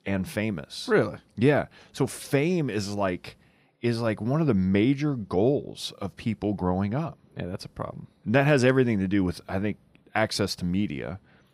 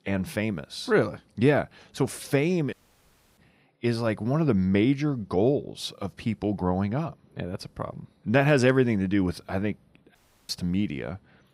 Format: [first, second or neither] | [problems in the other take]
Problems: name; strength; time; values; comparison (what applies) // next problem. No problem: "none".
first | audio cutting out; at 2.5 s for 0.5 s and at 10 s